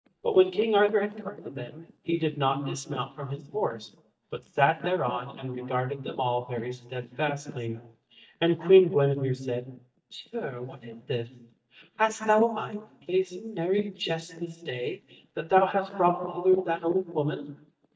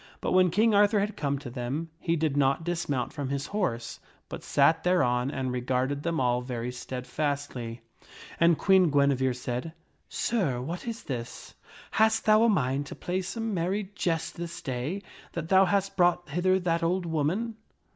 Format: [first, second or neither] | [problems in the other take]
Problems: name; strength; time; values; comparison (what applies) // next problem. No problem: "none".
second | noise reduction (neural mask model DeepFilterNet 3)